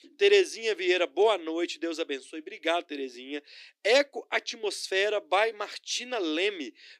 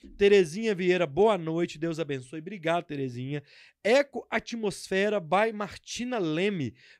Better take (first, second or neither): second